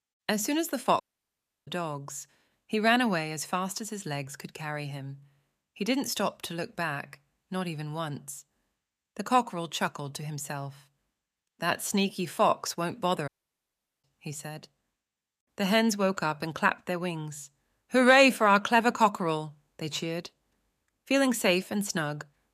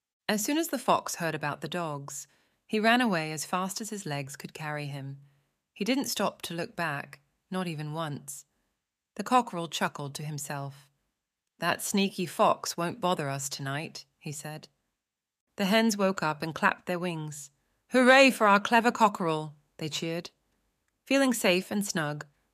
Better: second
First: audio cutting out; at 1 s for 0.5 s and at 13 s for 1 s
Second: none

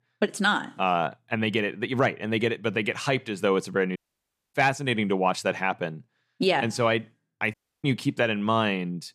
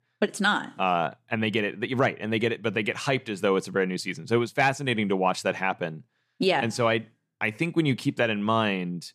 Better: second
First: audio cutting out; at 4 s for 0.5 s and at 7.5 s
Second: none

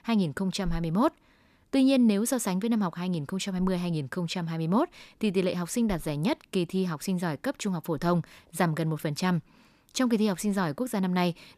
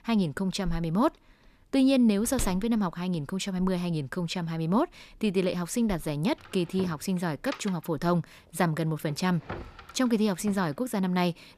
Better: first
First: none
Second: household noises; noticeable; throughout; 15 dB below the speech

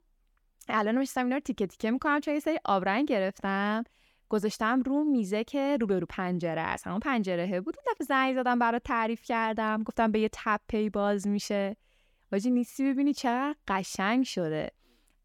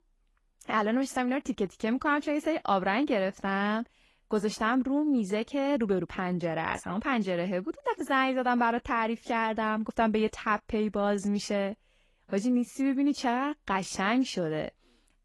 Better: first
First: none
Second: garbled, watery; slightly; nothing above 11.5 kHz

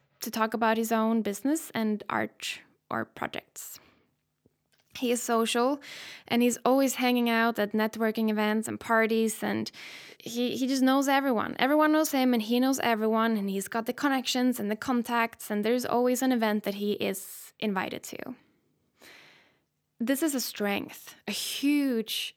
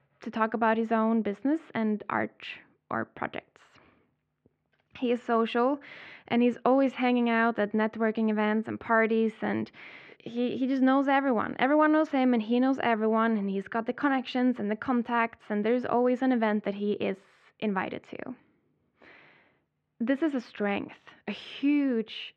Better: first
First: none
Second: muffled; very; fading above 2.5 kHz

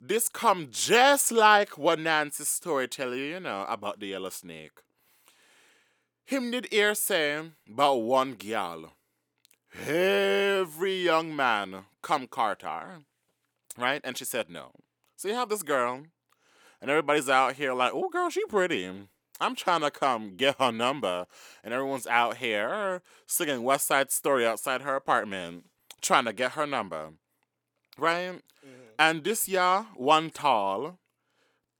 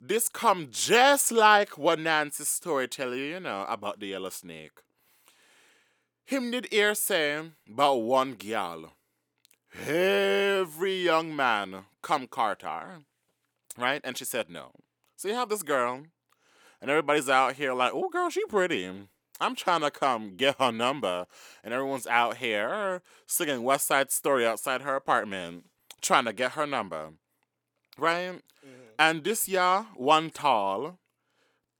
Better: neither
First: none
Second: none

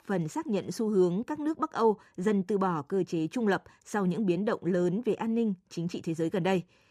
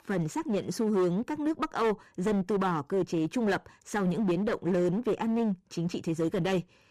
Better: first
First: none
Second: distortion; slight; 12% of the sound clipped

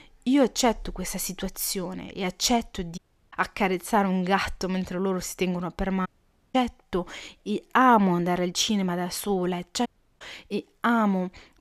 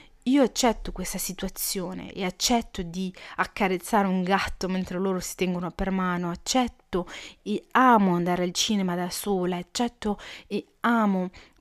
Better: second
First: audio cutting out; at 3 s, at 6 s and at 10 s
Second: none

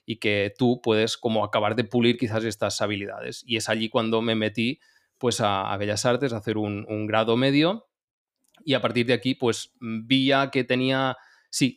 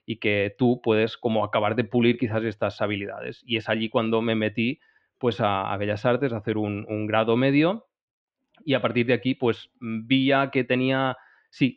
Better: first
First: none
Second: muffled; very; fading above 3 kHz

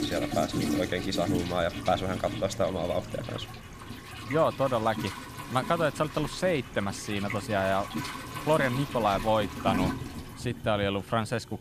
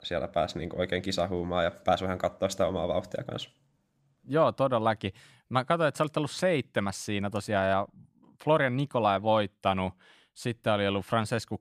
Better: second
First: household noises; loud; throughout; 7 dB below the speech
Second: none

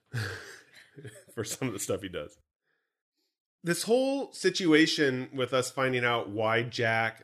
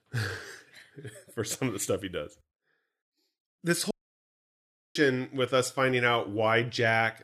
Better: first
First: none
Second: audio cutting out; at 4 s for 1 s

